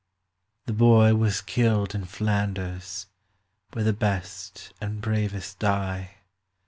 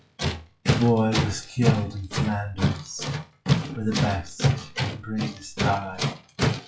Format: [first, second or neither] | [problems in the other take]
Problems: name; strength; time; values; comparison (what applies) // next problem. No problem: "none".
first | noise reduction (classical method WPE with log-MMSE)